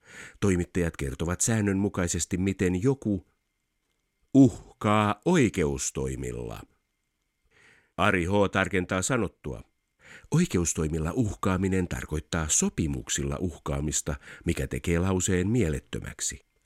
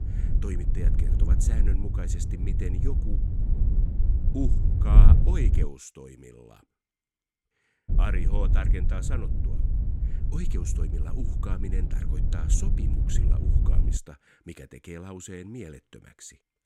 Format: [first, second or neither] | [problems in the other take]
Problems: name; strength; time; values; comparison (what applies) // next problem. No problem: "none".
first | wind noise on the microphone; heavy; until 5.5 s and from 8 to 14 s; 2 dB below the speech